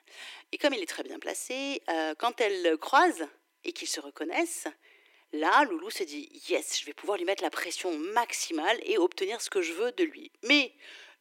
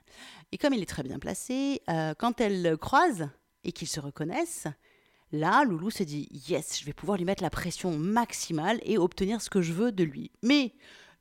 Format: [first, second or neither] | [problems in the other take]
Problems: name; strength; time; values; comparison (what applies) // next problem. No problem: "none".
second | thin; somewhat; fading below 300 Hz